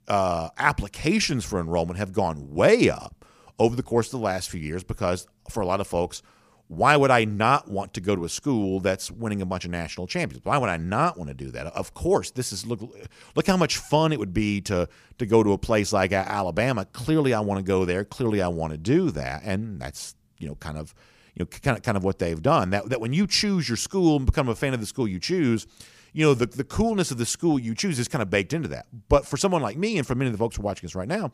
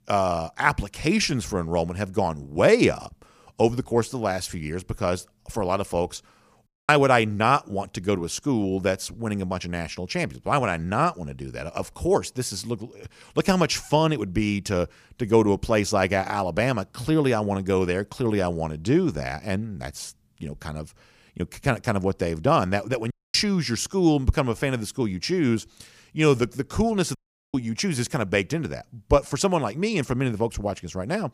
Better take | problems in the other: first | audio cutting out; at 6.5 s, at 23 s and at 27 s

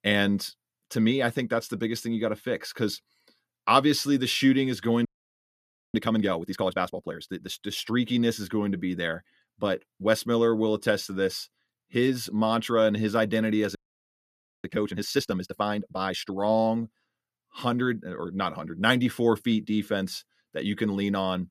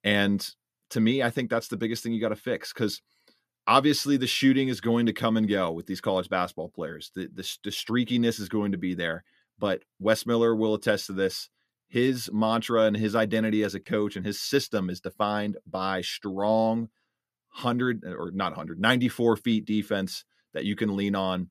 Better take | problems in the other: second | audio freezing; at 5 s for 1 s and at 14 s for 1 s

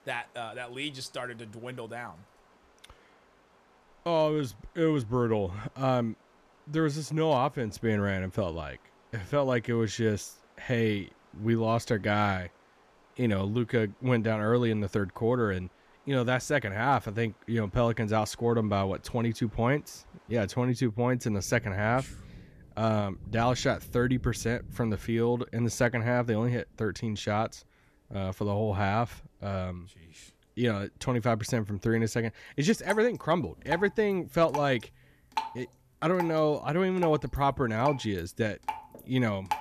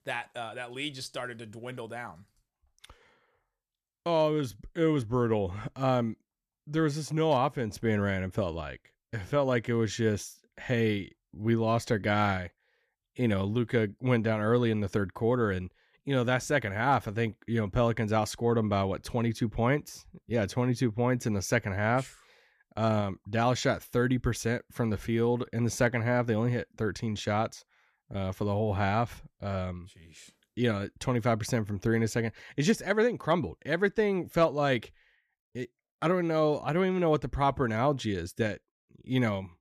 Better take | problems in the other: second | rain or running water; noticeable; throughout; 15 dB below the speech

